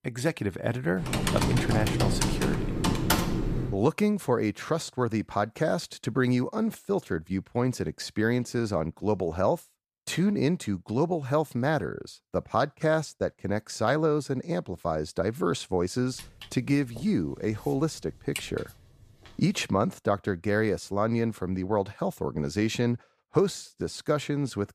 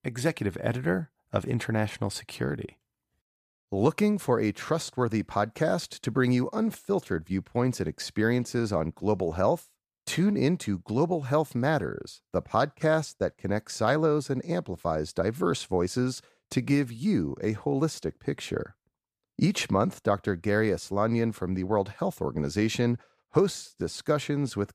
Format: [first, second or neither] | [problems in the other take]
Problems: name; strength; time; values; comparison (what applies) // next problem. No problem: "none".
second | keyboard typing; loud; from 1 to 4 s; peak 4 dB above the speech // footsteps; noticeable; from 16 to 19 s; peak 9 dB below the speech